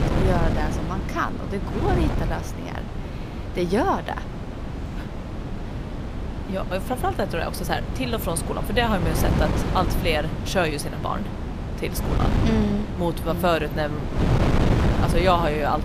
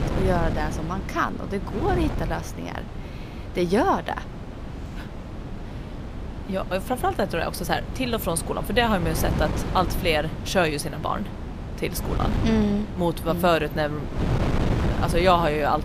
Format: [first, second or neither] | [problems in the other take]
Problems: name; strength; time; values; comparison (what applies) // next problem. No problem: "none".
second | wind noise on the microphone; heavy; 6 dB below the speech; occasional gusts in the second